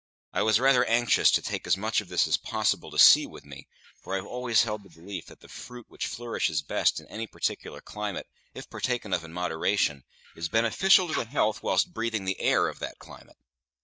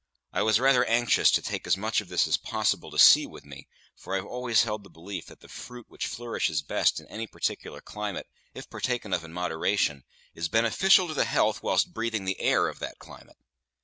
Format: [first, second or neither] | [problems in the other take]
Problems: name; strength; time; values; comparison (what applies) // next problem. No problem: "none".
second | noise reduction (neural mask model DeepFilterNet 3)